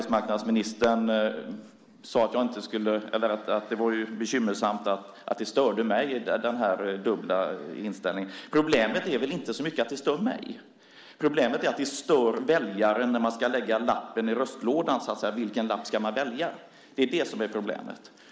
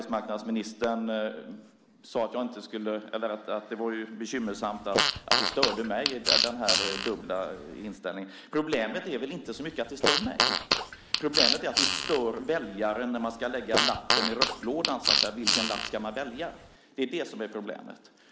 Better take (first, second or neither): first